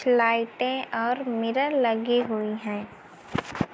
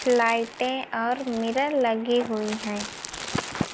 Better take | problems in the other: first | background sound (Crumpling, crinkling); 14 dB below the speech

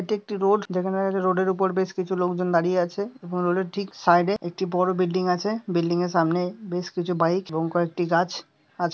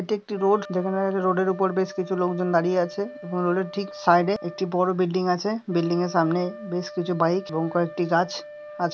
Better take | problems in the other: first | background sound (Wind instrument, woodwind instrument); 16 dB below the speech

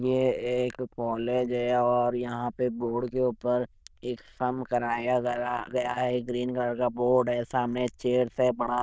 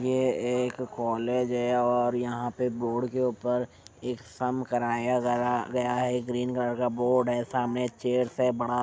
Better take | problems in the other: second | noise reduction (neural diffusion model UNIVERSE++)

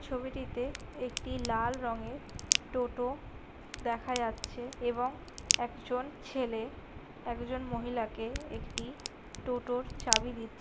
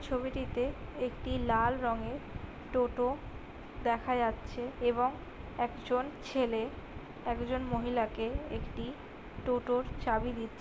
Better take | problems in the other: second | background sound (Crack); 2 dB below the speech

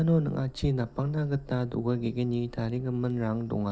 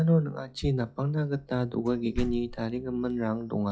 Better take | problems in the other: first | noise reduction (classical method log-MMSE)

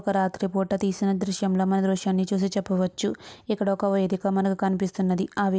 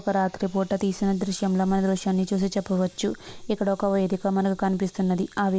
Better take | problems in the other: first | noise reduction (neural mask model Resemble Enhance denoiser)

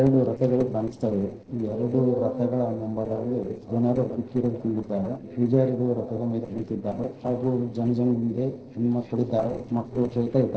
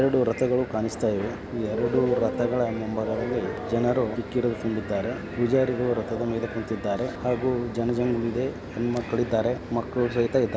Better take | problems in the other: second | noise reduction (neural separator model SepFormer DNS4)

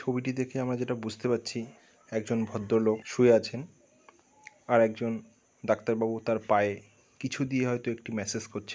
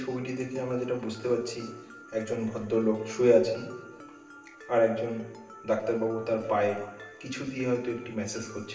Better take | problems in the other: first | background sound (Mallet percussion); 19 dB below the speech // room echo; dies away in 1 s

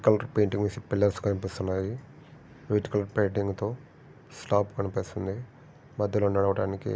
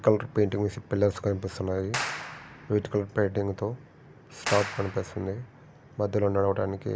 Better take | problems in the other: first | background sound (Clapping); 9 dB below the speech

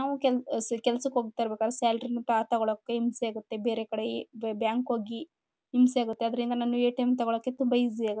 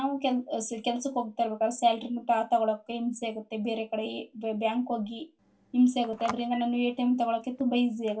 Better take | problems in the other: first | background sound (Telephone); 17 dB below the speech // room echo; dies away in 0.2 s

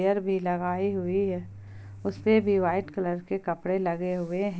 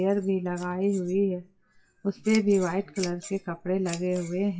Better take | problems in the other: first | noise reduction (classical method WPE with log-MMSE)

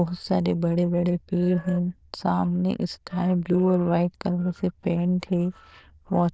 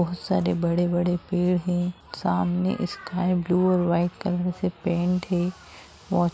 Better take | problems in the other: second | noise reduction (neural diffusion model UNIVERSE++)

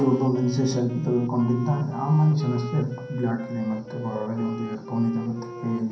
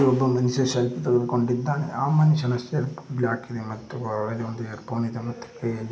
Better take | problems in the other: second | background sound (Wind instrument, woodwind instrument); 14 dB below the speech // room echo; dies away in 0.6 s

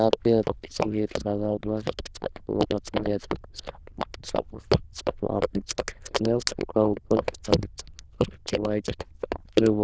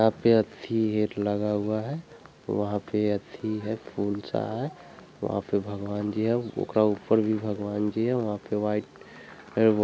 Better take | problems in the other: second | noise reduction (neural diffusion model UNIVERSE++)

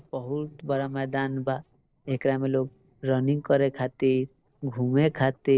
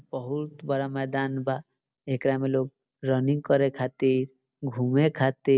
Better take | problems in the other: second | noise reduction (neural separator model SepFormer DNS4)

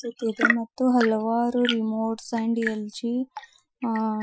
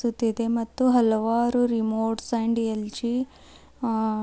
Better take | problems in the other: second | noise reduction (classical method Wiener filter)

